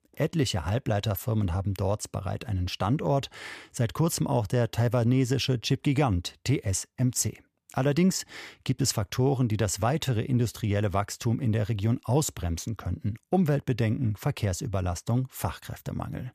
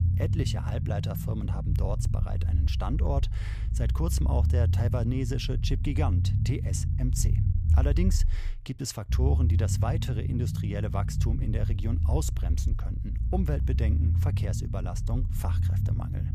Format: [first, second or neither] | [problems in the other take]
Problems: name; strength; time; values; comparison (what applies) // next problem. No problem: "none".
first | low rumble; loud; throughout; 6 dB below the speech